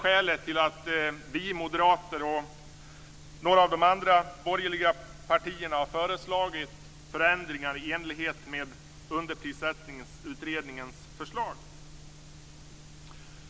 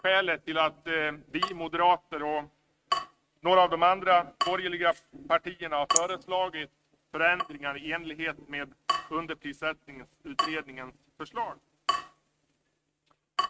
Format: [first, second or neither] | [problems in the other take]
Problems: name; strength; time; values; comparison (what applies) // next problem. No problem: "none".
first | noise reduction (neural mask model RNNoise)